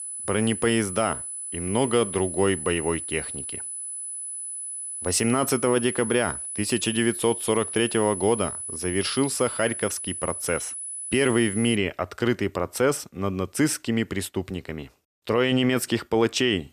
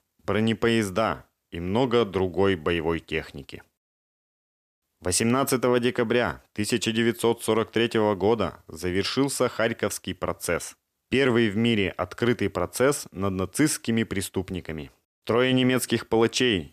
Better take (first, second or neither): second